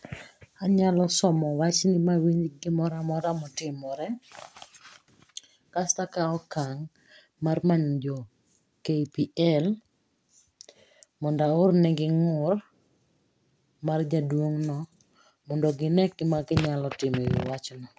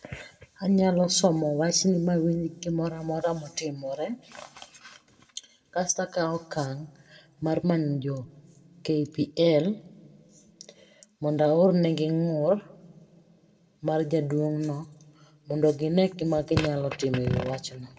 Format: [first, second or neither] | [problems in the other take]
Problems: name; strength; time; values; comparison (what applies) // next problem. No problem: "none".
first | room echo; dies away in 0.4 s